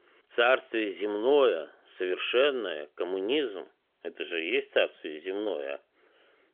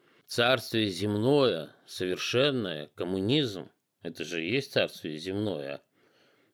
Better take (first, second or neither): second